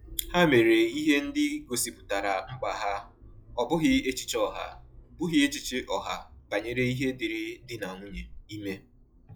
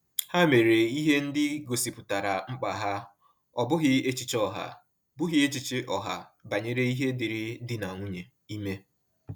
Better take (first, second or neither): second